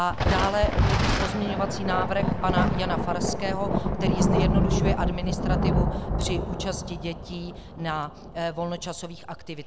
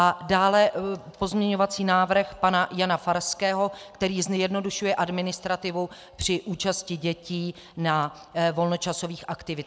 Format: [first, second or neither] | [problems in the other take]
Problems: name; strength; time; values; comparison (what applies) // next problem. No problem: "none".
second | background sound (Thunder); 5 dB above the speech